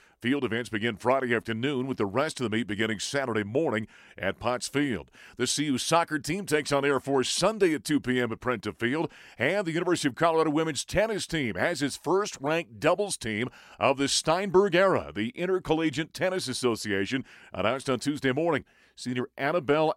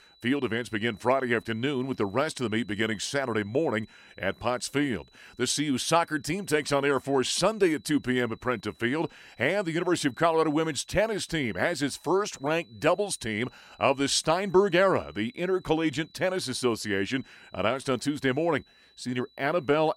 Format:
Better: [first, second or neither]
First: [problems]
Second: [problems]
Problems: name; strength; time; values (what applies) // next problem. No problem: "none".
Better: first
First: none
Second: high-pitched whine; faint; throughout; 4 kHz, 30 dB below the speech